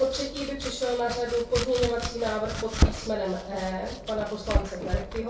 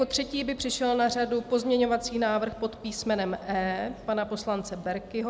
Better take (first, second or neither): second